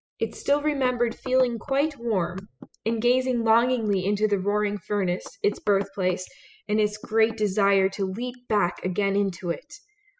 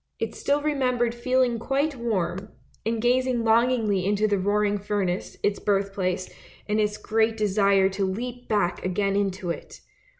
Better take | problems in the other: second | noise reduction (classical method spectral subtraction)

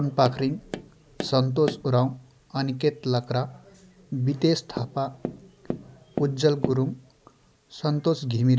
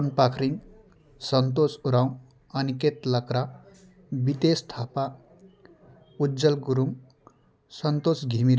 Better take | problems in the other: second | background sound (Tap); 13 dB below the speech

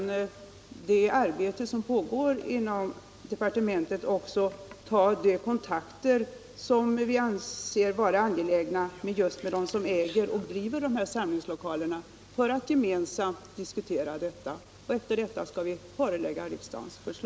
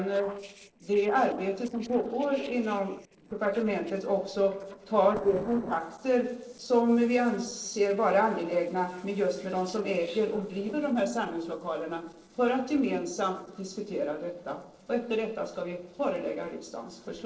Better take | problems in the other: first | noise reduction (neural separator model SepFormer DNS4)

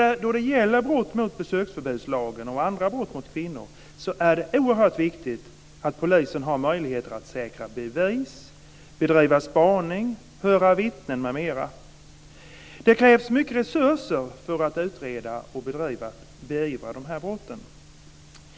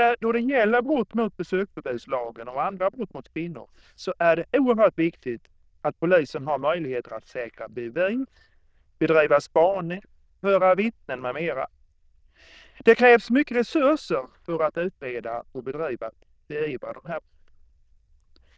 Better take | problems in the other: first | noise reduction (neural diffusion model UNIVERSE++)

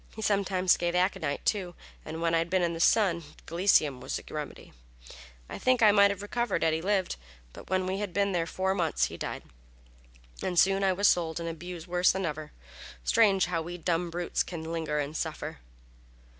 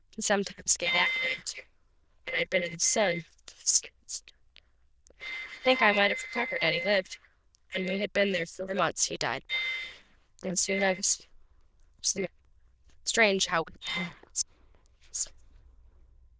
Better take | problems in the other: first | noise reduction (neural diffusion model UNIVERSE++)

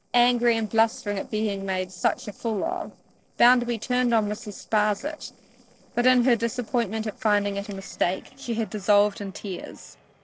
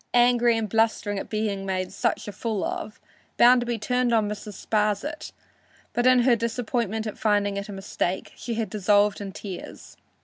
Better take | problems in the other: second | noise reduction (neural separator model SepFormer DNS4)

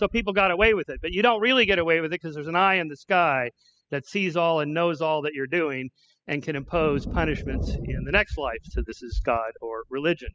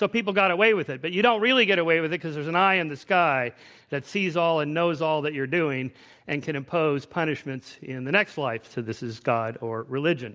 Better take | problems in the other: second | noise reduction (classical method spectral subtraction)

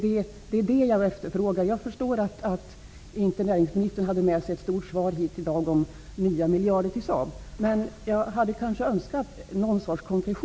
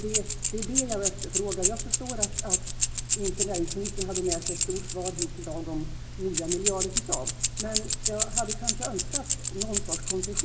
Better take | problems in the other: first | background sound (Keys jangling); 5 dB above the speech // room echo; dies away in 1 s

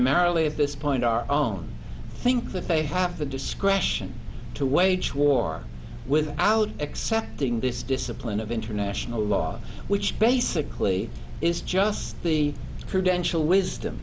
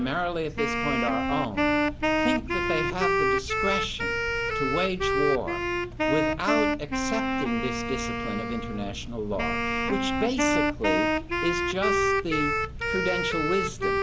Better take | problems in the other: first | background sound (Wind instrument, woodwind instrument); 3 dB above the speech

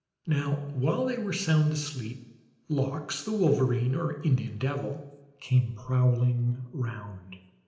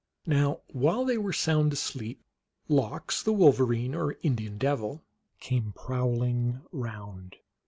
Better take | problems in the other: second | room echo; dies away in 0.8 s

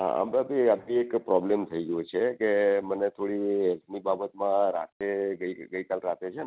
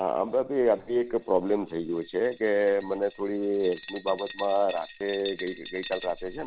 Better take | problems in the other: first | background sound (Glass); 17 dB below the speech

